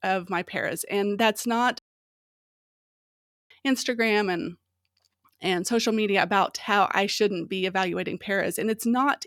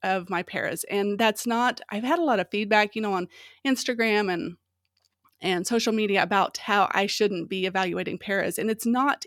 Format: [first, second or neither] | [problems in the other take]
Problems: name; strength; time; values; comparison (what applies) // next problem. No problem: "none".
second | audio cutting out; at 2 s for 1.5 s